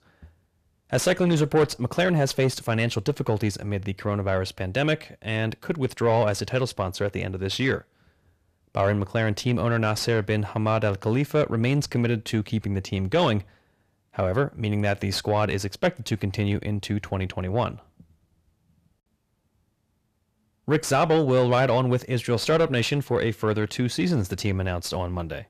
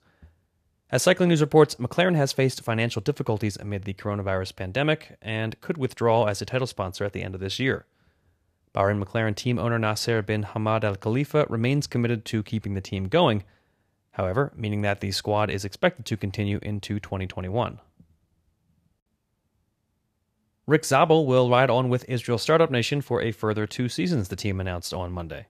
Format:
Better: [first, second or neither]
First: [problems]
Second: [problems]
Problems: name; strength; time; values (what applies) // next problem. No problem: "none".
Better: second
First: distortion; slight; 10 dB below the speech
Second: none